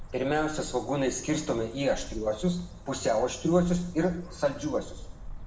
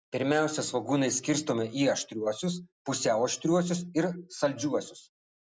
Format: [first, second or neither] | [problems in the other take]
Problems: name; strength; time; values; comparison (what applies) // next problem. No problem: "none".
second | background sound (Bird); 12 dB below the speech // room echo; dies away in 0.8 s